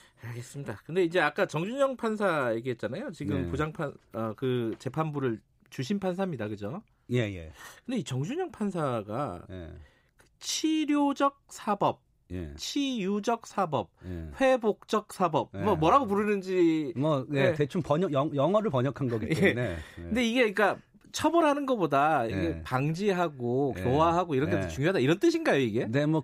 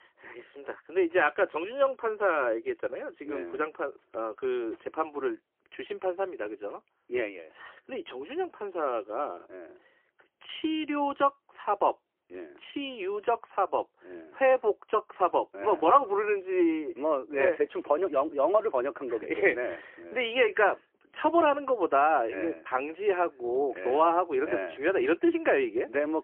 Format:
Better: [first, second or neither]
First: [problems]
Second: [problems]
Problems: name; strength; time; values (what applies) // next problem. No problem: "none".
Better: first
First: none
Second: phone-call audio; poor line; nothing above 3 kHz